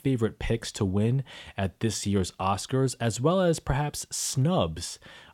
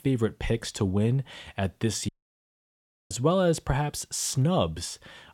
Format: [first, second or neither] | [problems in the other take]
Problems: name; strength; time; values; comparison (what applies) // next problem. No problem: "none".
first | audio cutting out; at 2 s for 1 s